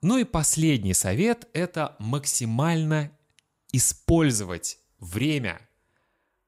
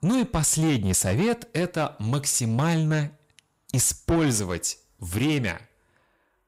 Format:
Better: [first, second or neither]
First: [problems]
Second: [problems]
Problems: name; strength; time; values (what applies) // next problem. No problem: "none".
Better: first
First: none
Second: distortion; slight; 10 dB below the speech